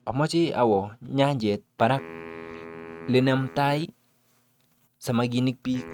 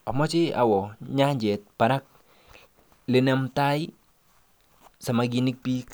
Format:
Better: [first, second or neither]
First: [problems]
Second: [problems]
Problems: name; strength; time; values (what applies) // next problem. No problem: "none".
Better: second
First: noise reduction (neural mask model RNNoise)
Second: none